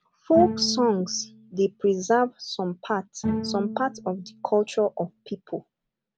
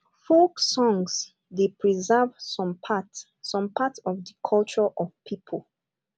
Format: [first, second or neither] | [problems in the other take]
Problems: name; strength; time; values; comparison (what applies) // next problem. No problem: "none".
second | background sound (Bowed string instrument); 9 dB below the speech